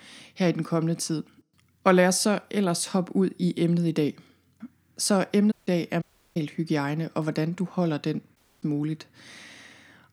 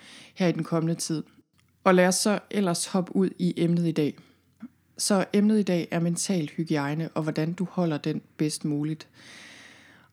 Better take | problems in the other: second | audio cutting out; at 5.5 s, at 6 s and at 8.5 s

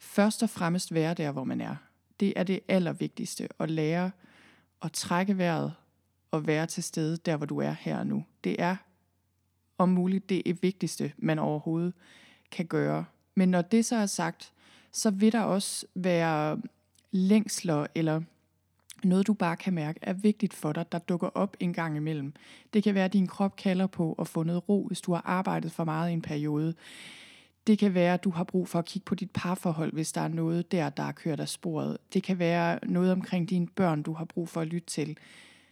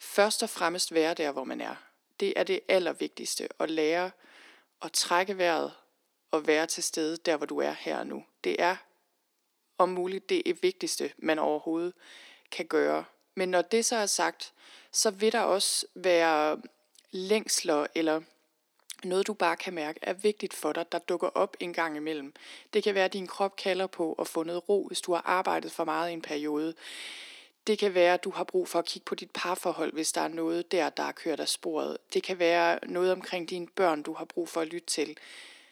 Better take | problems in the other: first | thin; very; fading below 350 Hz

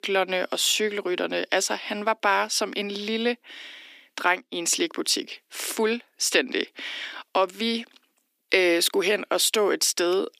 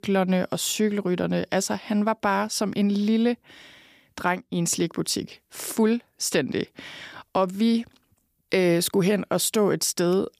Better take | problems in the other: second | thin; somewhat; fading below 250 Hz

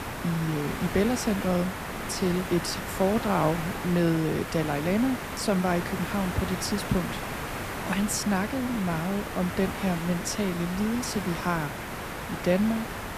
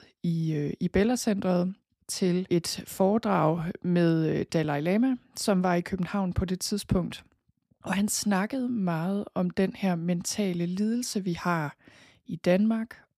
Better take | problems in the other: second | hiss; loud; throughout; 6 dB below the speech

